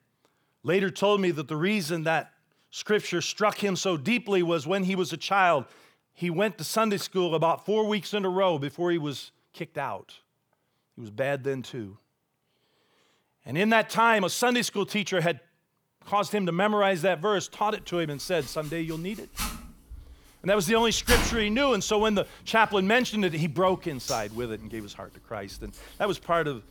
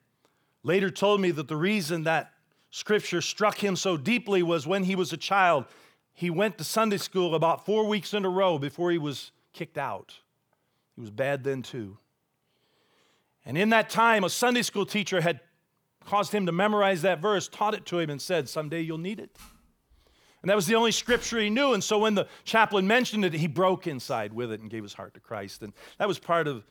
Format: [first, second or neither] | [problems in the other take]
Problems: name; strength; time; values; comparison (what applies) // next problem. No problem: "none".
second | household noises; loud; from 18 s on; 9 dB below the speech; faint in the second